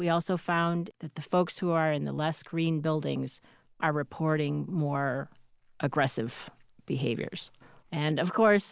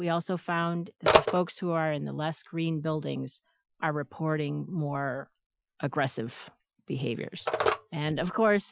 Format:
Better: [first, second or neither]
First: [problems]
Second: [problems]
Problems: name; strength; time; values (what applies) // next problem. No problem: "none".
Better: first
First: none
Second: noise reduction (classical method Wiener filter)